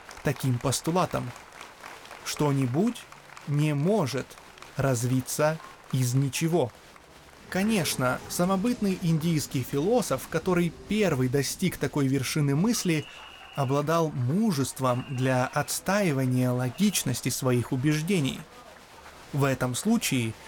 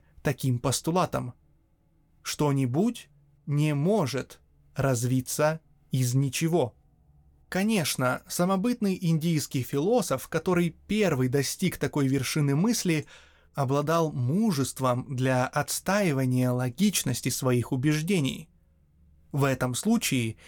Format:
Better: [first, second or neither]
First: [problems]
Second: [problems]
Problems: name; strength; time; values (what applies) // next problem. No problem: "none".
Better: second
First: crowd noise; noticeable; throughout; 20 dB below the speech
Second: none